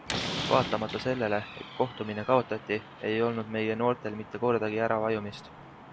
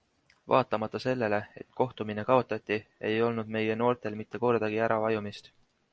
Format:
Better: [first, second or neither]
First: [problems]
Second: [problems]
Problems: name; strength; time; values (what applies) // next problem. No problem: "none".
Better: second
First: background sound (Slam); 10 dB below the speech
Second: none